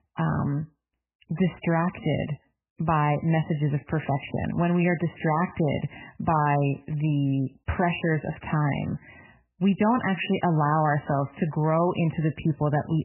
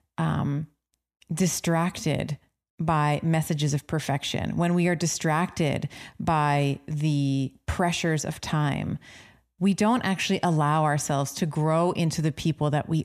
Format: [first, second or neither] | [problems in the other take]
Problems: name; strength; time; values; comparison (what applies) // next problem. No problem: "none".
second | garbled, watery; badly; nothing above 3 kHz